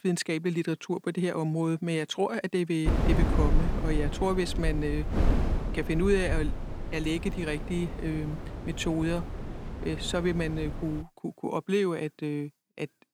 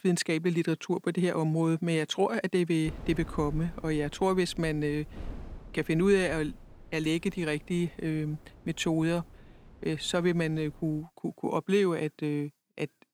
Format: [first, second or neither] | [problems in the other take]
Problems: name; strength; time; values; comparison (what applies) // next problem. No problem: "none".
second | wind noise on the microphone; heavy; from 3 to 11 s; 7 dB below the speech; occasional gusts in the second